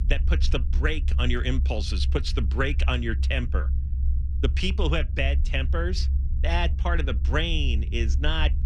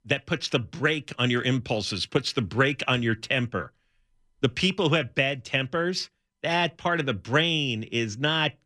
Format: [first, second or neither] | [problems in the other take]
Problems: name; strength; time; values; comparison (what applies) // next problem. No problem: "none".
second | low rumble; noticeable; throughout; 15 dB below the speech